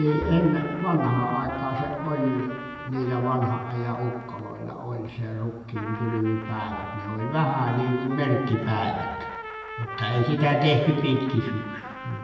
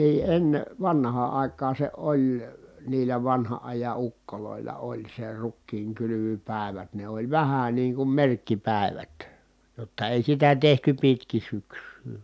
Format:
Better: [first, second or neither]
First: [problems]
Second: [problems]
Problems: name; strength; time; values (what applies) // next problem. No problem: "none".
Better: second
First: background sound (Trumpet); 12 dB below the speech // room echo; dies away in 1.3 s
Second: none